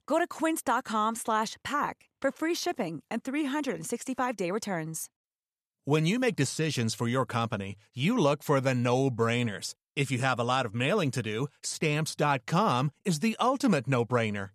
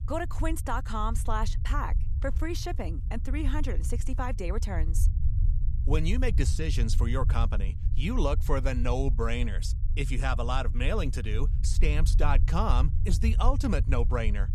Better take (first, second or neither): first